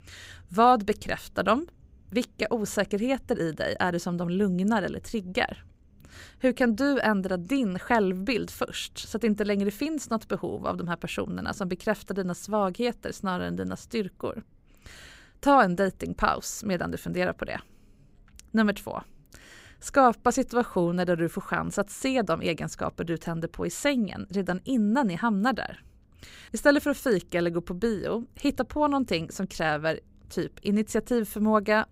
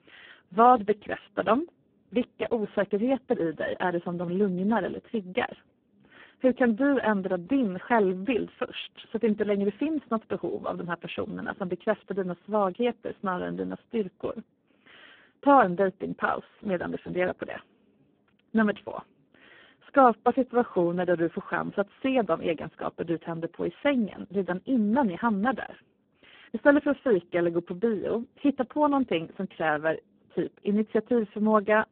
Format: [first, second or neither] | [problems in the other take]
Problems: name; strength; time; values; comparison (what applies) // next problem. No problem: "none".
first | phone-call audio; poor line